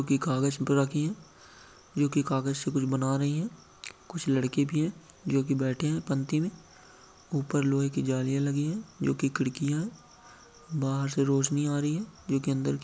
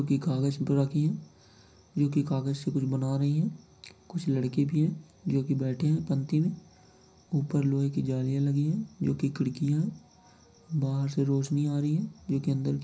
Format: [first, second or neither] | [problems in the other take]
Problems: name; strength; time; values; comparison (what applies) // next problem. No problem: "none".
first | room echo; dies away in 0.5 s